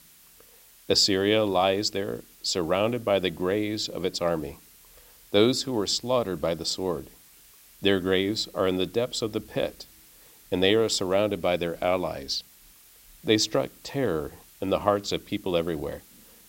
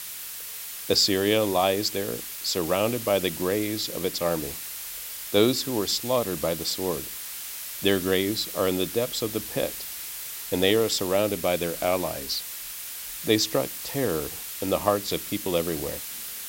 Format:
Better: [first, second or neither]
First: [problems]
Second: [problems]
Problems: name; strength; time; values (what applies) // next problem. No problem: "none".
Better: first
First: hiss; faint; throughout; 25 dB below the speech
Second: hiss; loud; throughout; 7 dB below the speech